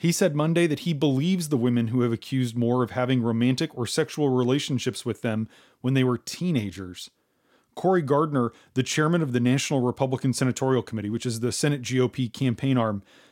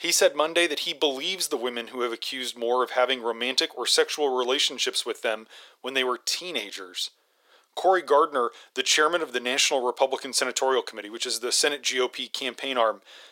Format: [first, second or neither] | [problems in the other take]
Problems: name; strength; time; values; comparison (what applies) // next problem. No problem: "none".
first | thin; very; fading below 450 Hz